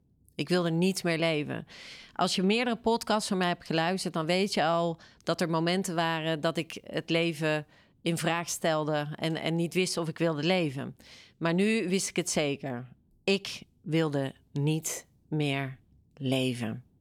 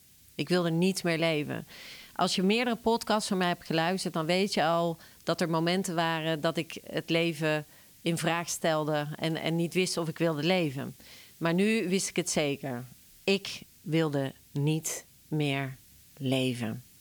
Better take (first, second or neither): first